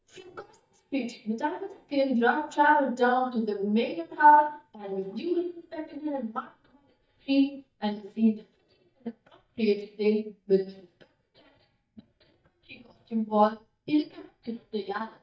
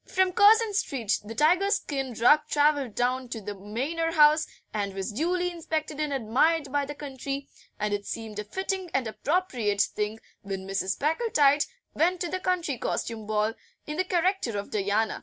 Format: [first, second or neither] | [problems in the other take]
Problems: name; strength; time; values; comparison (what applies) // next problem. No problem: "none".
second | noise reduction (neural mask model DeepFilterNet 3)